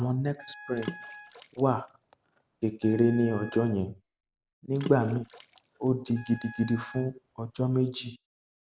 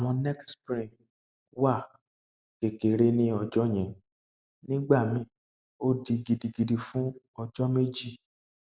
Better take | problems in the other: second | background sound (Wind instrument, woodwind instrument + Water / Splash, splatter); 16 dB below the speech

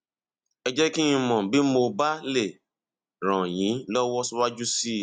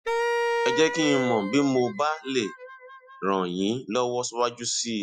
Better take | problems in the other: first | noise reduction (classical method Wiener filter)

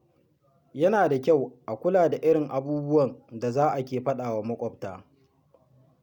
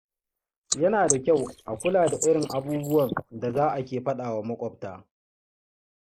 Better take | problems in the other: first | noise reduction (neural mask model Resemble Enhance denoiser)

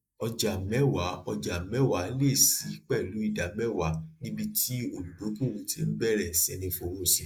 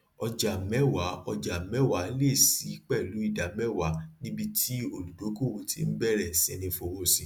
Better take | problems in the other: second | noise reduction (neural mask model Resemble Enhance denoiser)

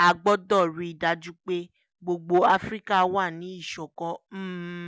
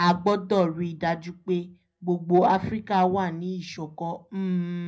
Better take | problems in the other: first | room echo; dies away in 0.4 s

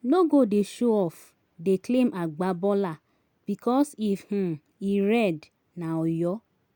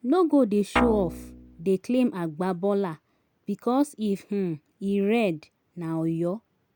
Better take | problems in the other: first | background sound (Guitar); 3 dB below the speech

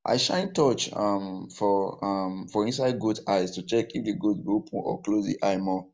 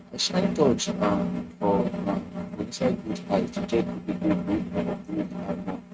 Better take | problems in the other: first | noise reduction (neural mask model RNNoise)

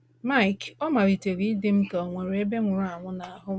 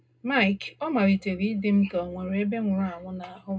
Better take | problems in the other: first | room echo; dies away in 0.2 s

